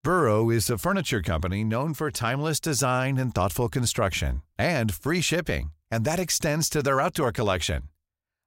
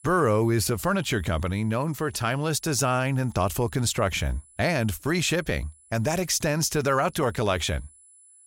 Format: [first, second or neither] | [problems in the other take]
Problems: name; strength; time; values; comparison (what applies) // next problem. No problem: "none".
first | high-pitched whine; faint; throughout; 10 kHz, 25 dB below the speech